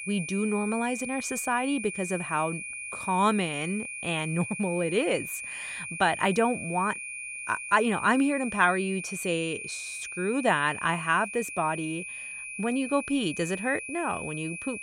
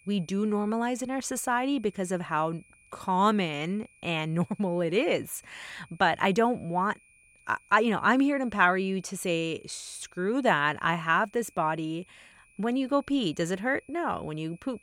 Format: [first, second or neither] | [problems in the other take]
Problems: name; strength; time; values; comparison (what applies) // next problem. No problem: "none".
second | high-pitched whine; loud; throughout; 2.5 kHz, 7 dB below the speech; faint in the second